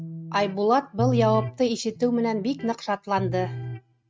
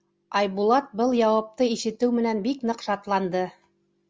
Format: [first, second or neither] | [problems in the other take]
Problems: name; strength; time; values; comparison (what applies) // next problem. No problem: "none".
second | noise reduction (neural mask model RNNoise)